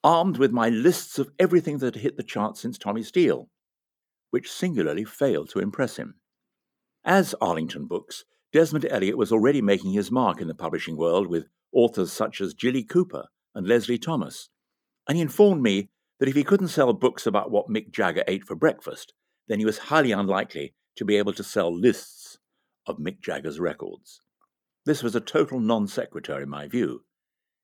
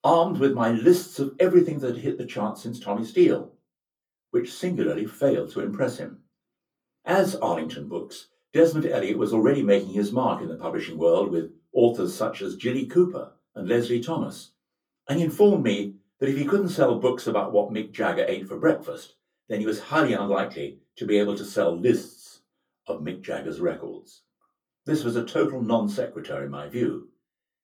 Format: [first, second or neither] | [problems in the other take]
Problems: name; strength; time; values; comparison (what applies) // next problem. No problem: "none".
first | off-mic speech; far // room echo; very slight; dies away in 0.2 s